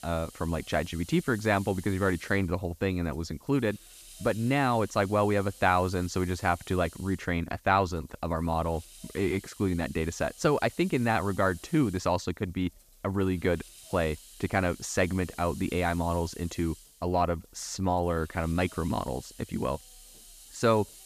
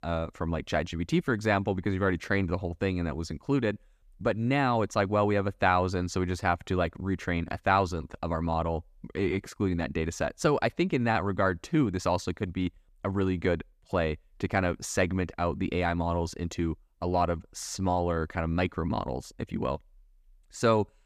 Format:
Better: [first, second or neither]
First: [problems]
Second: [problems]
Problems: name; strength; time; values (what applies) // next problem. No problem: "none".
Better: second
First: hiss; noticeable; throughout; 20 dB below the speech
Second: none